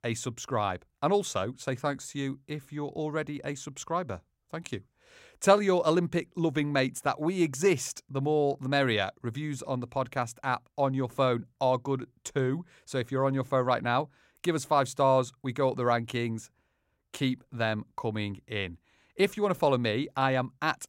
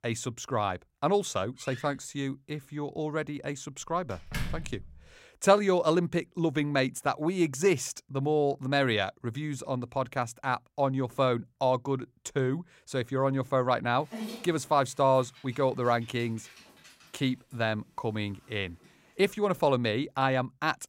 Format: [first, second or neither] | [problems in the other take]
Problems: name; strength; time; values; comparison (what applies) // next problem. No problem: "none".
first | door banging; noticeable; at 4.5 s; peak 7 dB below the speech // dog barking; noticeable; from 14 to 19 s; peak 9 dB below the speech